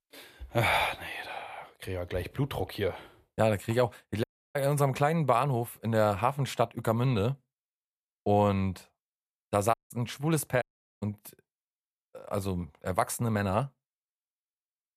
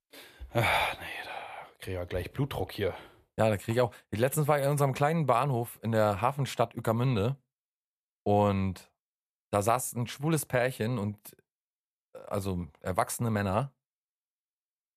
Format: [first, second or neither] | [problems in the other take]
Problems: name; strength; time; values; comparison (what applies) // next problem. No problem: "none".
second | audio cutting out; at 4 s, at 9.5 s and at 11 s